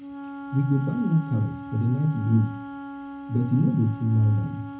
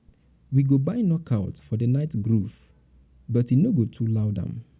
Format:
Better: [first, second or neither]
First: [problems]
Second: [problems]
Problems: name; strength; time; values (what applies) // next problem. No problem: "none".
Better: second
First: background sound (Wind instrument, woodwind instrument); 12 dB below the speech // room echo; dies away in 0.4 s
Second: none